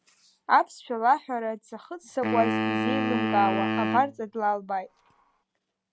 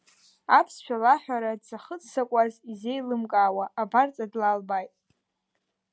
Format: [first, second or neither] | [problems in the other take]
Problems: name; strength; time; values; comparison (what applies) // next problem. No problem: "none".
second | background sound (Wind instrument, woodwind instrument); 1 dB below the speech